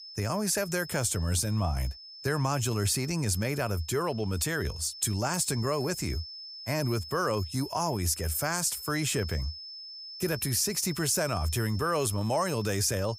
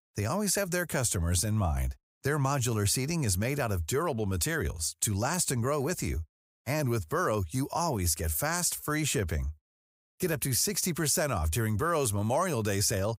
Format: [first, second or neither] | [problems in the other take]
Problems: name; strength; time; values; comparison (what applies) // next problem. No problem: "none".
second | high-pitched whine; noticeable; throughout; 5.5 kHz, 10 dB below the speech